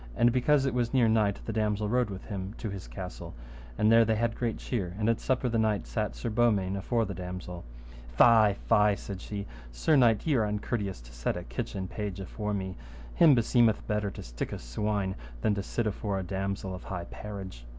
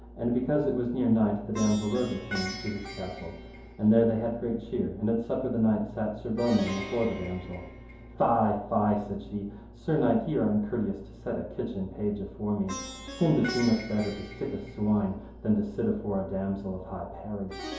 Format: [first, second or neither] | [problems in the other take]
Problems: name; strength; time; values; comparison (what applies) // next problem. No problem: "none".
first | background sound (Plucked string instrument); 16 dB below the speech // room echo; dies away in 2.8 s